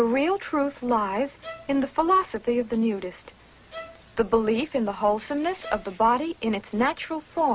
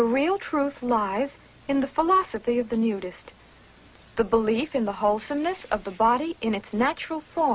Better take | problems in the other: second | background sound (Bowed string instrument); 19 dB below the speech

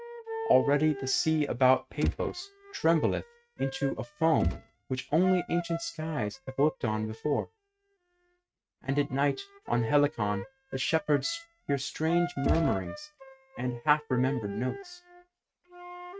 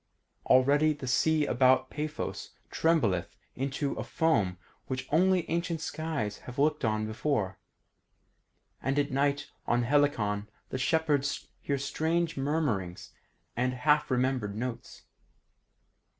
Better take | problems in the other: second | noise reduction (neural mask model RNNoise)

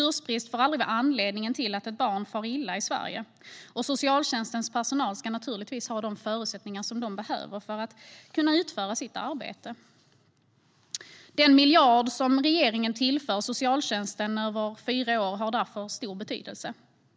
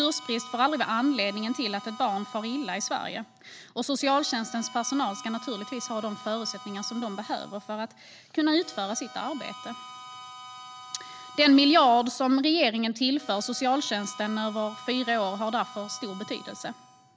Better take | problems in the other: first | background sound (Harmonica); 17 dB below the speech

